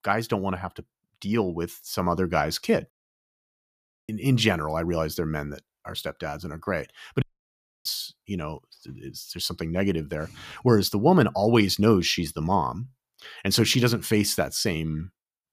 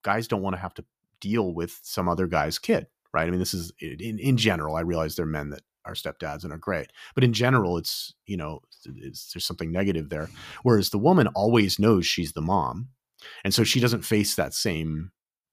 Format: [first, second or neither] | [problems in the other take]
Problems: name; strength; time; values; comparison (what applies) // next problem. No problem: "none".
second | audio cutting out; at 3 s for 1 s and at 7 s for 0.5 s